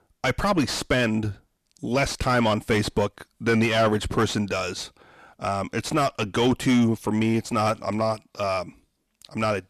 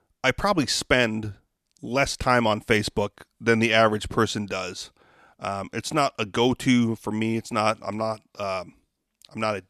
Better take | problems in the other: second | distortion; heavy; 7 dB below the speech

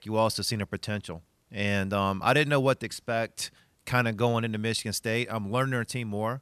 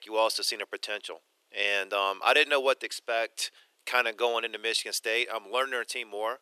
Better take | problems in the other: first | thin; very; fading below 350 Hz

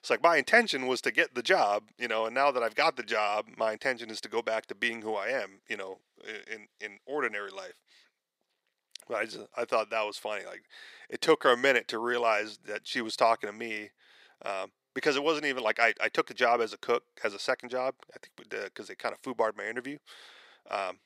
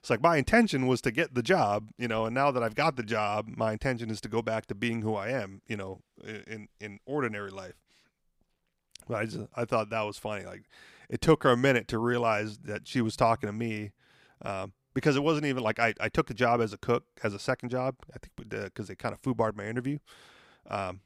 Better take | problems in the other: second | thin; somewhat; fading below 450 Hz

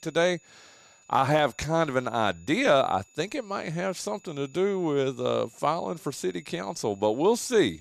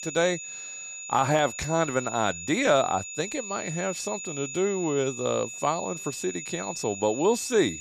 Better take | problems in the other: first | high-pitched whine; loud; throughout; 7 kHz, 8 dB below the speech; faint in the first

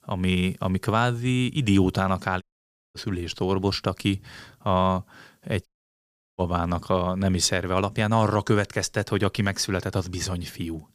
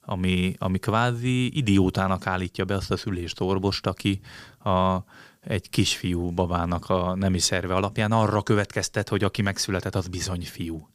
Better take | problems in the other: second | audio cutting out; at 2.5 s for 0.5 s and at 5.5 s for 0.5 s

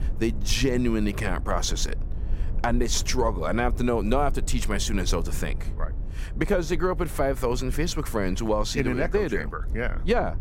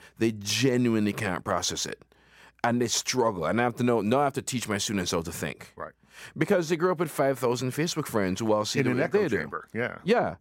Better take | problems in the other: second | low rumble; faint; throughout; 20 dB below the speech

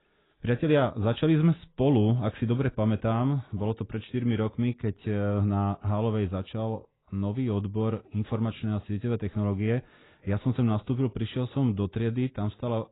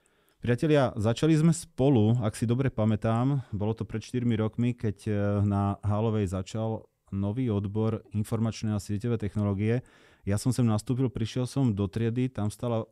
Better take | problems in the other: second | garbled, watery; badly; nothing above 4 kHz

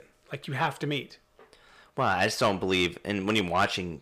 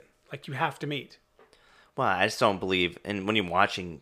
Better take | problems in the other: second | distortion; slight; 10 dB below the speech

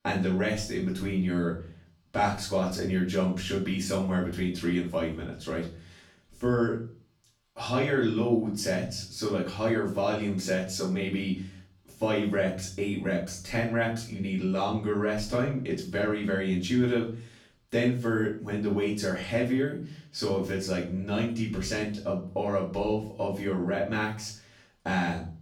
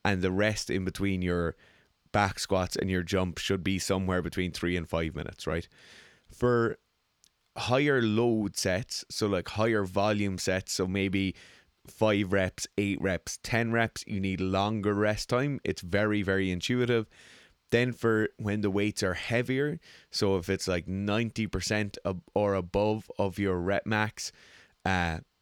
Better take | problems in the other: second | off-mic speech; far // room echo; noticeable; dies away in 0.4 s

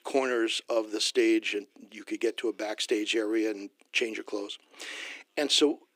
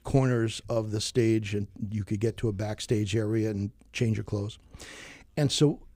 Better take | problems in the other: second | thin; somewhat; fading below 300 Hz

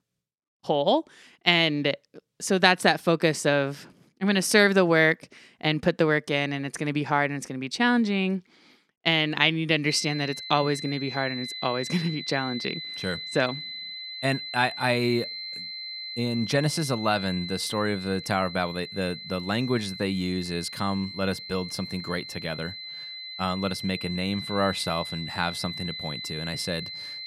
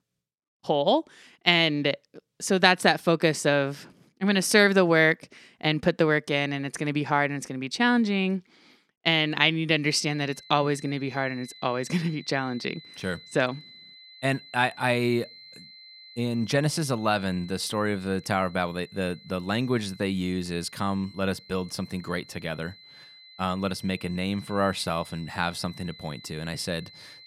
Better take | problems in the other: second | high-pitched whine; loud; from 10 s on; 4 kHz, 9 dB below the speech; faint in the second

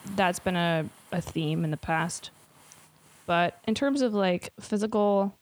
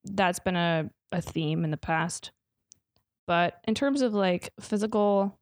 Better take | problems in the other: second | hiss; faint; throughout; 25 dB below the speech

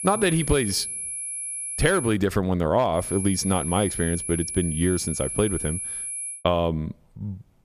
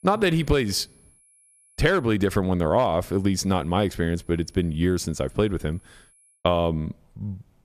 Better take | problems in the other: second | high-pitched whine; loud; until 2 s and from 3 to 6.5 s; 10.5 kHz, 5 dB below the speech; faint in the second

